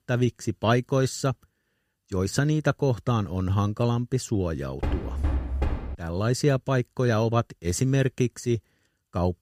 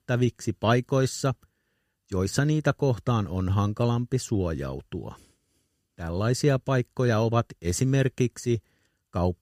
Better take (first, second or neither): second